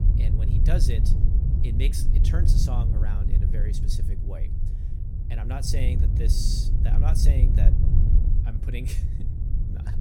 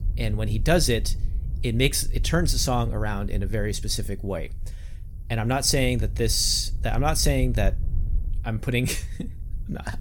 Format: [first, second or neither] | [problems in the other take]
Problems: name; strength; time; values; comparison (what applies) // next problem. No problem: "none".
second | low rumble; loud; throughout; 2 dB below the speech; faint in the second